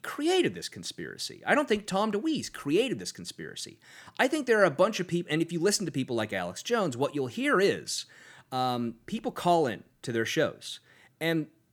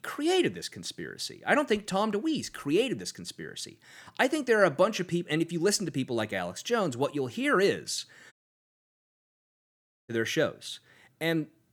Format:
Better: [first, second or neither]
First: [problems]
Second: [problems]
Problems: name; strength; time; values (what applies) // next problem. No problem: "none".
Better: first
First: none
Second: audio cutting out; at 8.5 s for 2 s